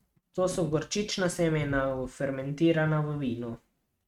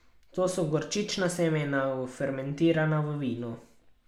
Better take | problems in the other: second | noise reduction (neural mask model RNNoise)

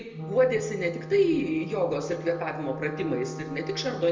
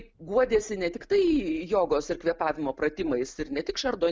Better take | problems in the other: second | background sound (Wind instrument, woodwind instrument); 11 dB below the speech // room echo; dies away in 0.7 s

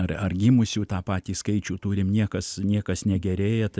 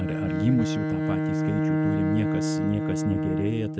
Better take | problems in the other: first | noise reduction (neural mask model RNNoise)

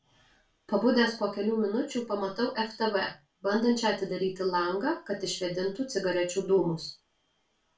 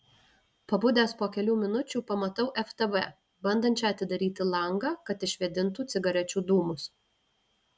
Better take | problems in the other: second | room echo; dies away in 0.3 s

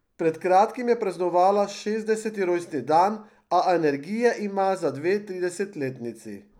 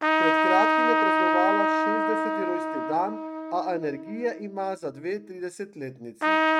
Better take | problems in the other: first | noise reduction (neural mask model RNNoise)

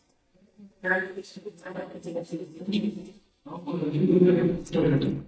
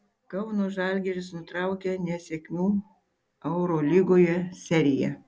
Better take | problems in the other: second | noise reduction (neural mask model DeepFilterNet 3)

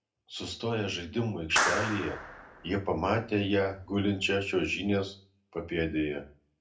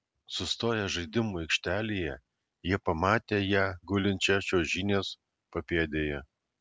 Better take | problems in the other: second | background sound (Clapping); 5 dB below the speech // room echo; dies away in 0.3 s

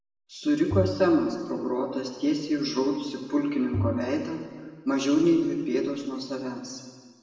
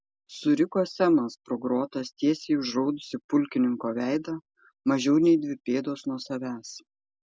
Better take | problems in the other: second | background sound (Bowed string instrument); 7 dB below the speech // room echo; dies away in 1.5 s

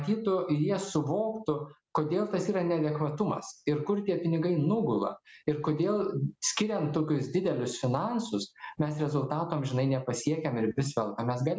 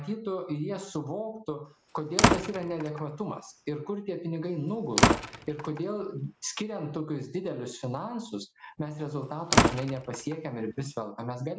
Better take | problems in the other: first | background sound (Slam); 5 dB above the speech

